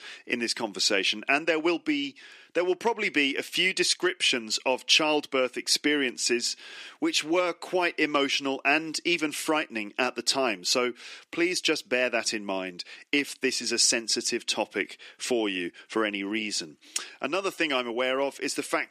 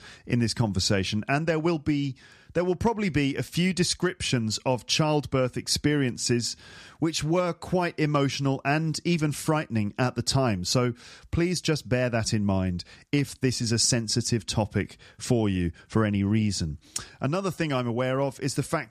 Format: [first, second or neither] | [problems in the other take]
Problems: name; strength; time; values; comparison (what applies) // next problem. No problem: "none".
second | thin; somewhat; fading below 300 Hz